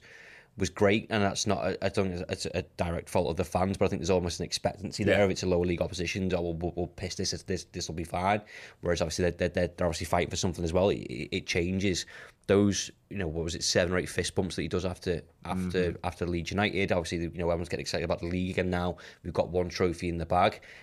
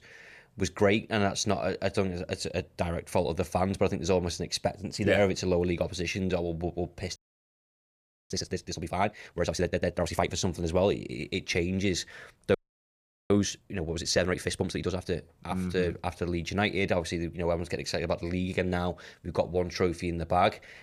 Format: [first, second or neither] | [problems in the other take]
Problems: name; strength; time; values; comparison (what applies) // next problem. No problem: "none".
first | audio freezing; at 7 s for 1 s and at 13 s for 1 s